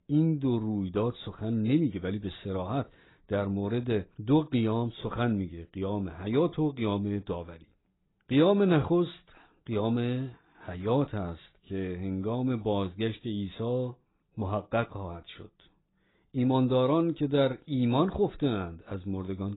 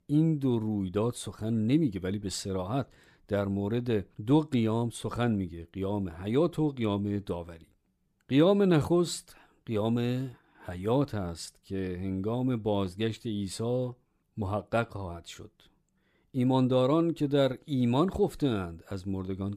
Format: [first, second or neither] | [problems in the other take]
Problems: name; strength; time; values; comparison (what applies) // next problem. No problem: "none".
second | garbled, watery; badly; nothing above 4 kHz